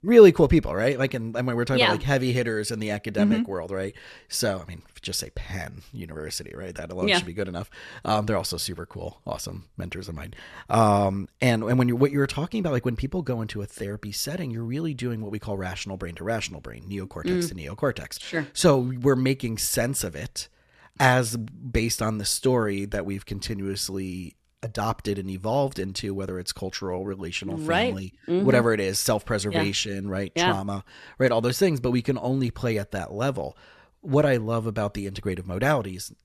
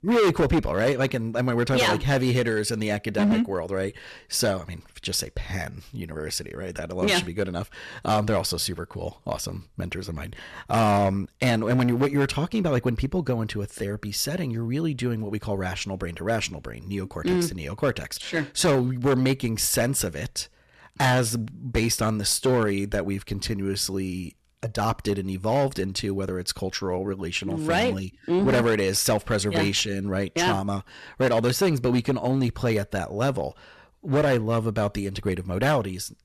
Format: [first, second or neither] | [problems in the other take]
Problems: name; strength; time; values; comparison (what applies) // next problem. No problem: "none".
first | distortion; heavy; 6% of the sound clipped